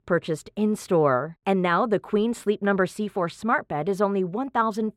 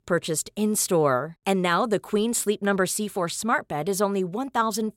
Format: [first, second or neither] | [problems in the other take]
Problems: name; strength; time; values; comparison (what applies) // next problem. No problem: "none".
second | muffled; slightly; fading above 4 kHz